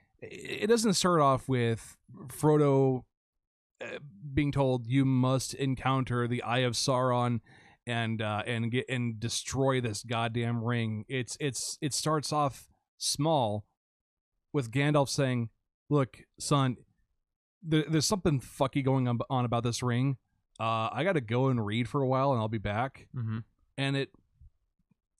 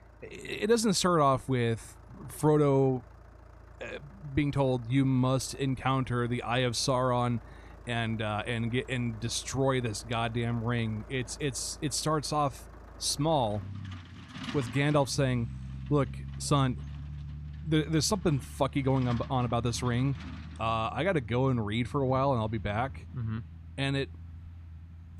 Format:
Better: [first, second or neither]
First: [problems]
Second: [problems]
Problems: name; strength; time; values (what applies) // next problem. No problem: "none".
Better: first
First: none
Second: traffic noise; noticeable; throughout; 15 dB below the speech